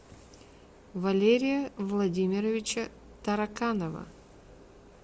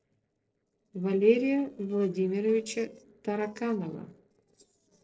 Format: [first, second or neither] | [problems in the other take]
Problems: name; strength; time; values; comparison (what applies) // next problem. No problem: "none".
first | noise reduction (neural separator model SepFormer DNS4)